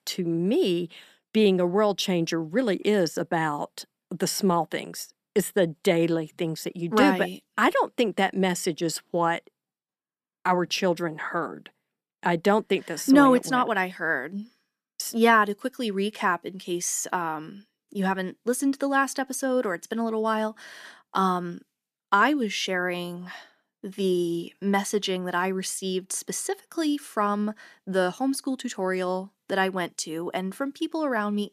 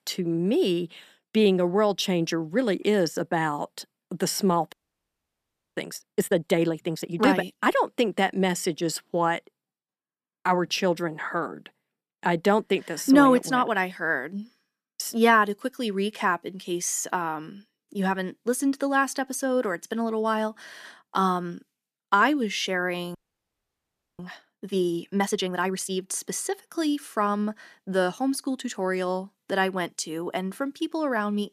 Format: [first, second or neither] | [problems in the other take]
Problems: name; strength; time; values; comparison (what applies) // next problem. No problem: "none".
first | audio freezing; at 4.5 s for 1 s and at 23 s for 1 s